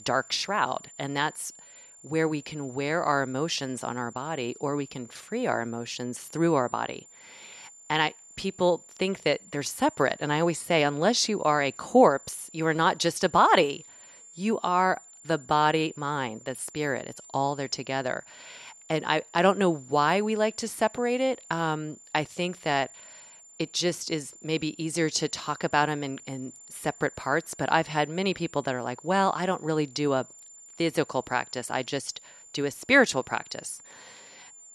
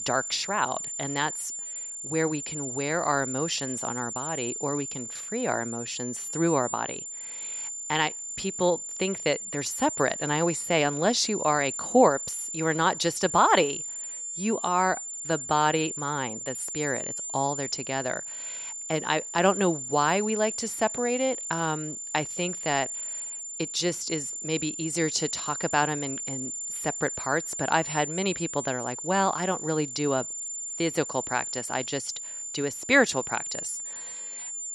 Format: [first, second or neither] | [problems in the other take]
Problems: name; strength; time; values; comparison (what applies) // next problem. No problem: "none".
first | high-pitched whine; loud; throughout; 7 kHz, 5 dB below the speech; faint in the first